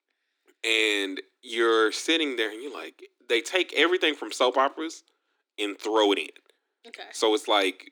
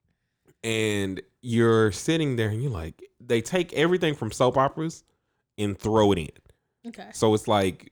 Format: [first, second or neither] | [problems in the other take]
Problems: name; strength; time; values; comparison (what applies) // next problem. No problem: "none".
second | thin; somewhat; fading below 300 Hz